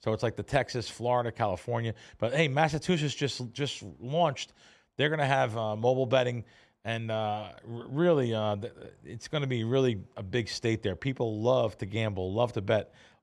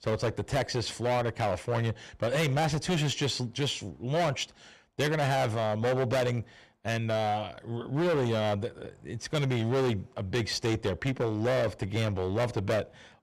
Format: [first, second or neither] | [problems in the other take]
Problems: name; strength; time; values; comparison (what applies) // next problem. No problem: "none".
first | distortion; heavy; 15% of the sound clipped